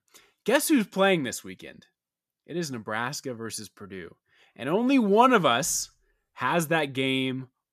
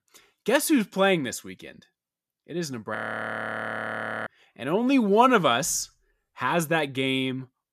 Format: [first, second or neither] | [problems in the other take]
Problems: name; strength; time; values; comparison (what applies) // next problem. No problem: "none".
first | audio freezing; at 3 s for 1.5 s